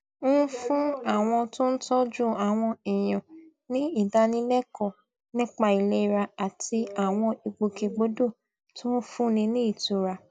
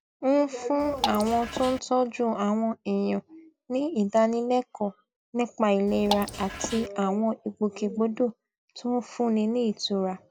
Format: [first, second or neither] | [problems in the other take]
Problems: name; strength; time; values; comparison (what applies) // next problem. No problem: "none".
first | background sound (Drip / Water); 7 dB below the speech